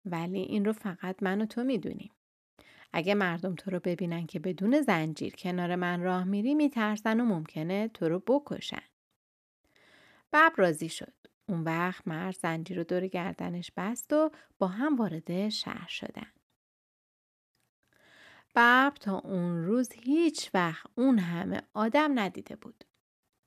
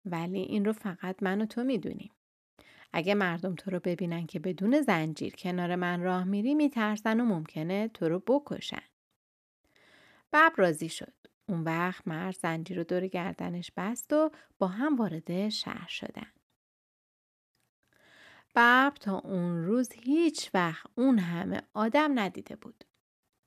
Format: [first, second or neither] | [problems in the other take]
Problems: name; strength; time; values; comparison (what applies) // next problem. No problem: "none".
neither | none